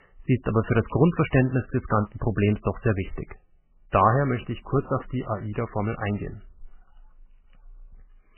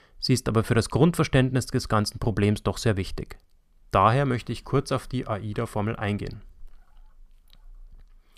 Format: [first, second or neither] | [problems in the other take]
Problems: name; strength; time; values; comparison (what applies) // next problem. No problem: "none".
second | garbled, watery; badly; nothing above 3 kHz